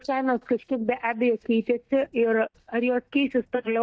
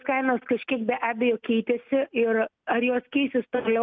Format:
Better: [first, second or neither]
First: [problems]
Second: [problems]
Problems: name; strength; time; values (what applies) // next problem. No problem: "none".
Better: second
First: noise reduction (neural mask model DeepFilterNet 3)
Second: none